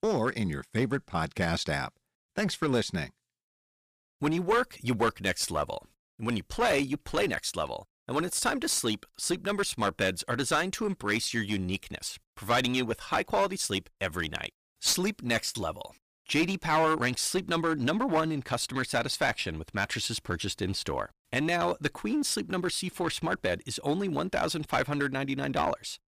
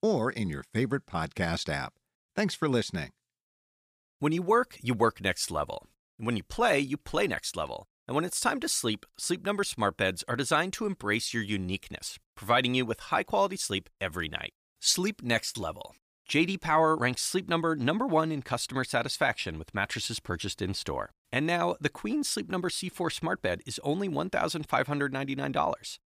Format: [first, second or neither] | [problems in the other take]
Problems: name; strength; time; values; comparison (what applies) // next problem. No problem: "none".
second | distortion; slight; 6% of the sound clipped